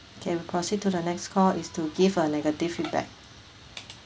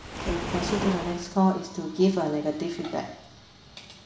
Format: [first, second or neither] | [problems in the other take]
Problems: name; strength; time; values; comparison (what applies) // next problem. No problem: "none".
first | background sound (Waves, surf); 9 dB below the speech // room echo; dies away in 1 s